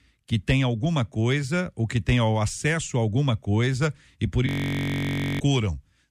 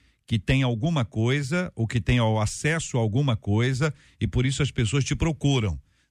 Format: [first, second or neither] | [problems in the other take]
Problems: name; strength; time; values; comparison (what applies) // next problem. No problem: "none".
second | audio freezing; at 4.5 s for 1 s